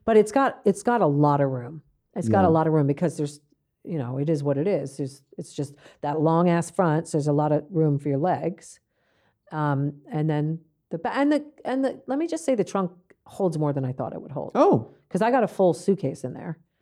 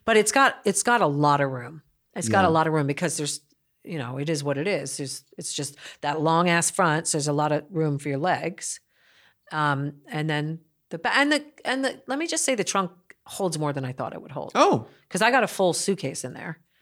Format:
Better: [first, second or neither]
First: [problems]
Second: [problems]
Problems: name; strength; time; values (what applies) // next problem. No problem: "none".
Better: second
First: muffled; slightly; fading above 1 kHz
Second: none